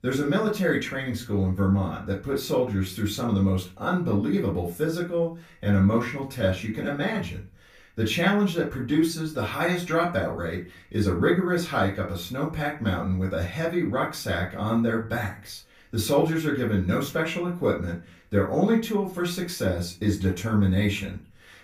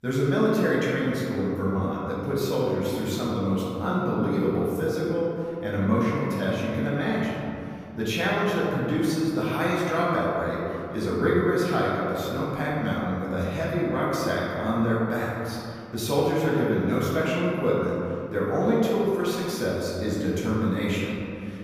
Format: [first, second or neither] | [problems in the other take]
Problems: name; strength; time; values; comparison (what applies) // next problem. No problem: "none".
first | room echo; strong; dies away in 2.6 s; slight in the first // off-mic speech; far; far in the first